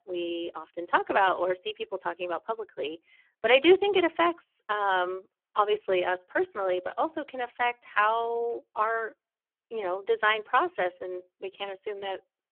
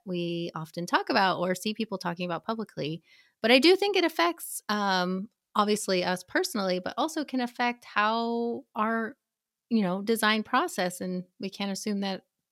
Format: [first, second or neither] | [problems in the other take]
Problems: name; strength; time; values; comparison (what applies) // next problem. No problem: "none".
second | phone-call audio; poor line; nothing above 3.5 kHz